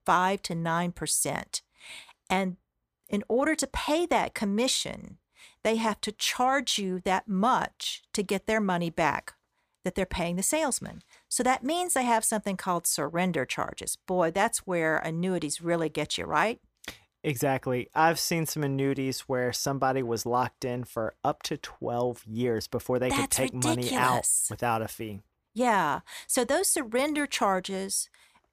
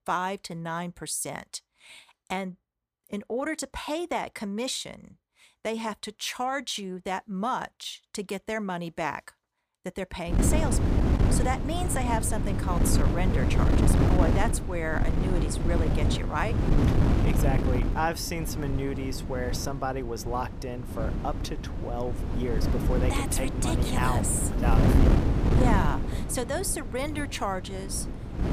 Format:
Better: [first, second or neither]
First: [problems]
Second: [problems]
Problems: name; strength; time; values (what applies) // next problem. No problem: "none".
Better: first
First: none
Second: wind noise on the microphone; heavy; from 10 s on; 2 dB below the speech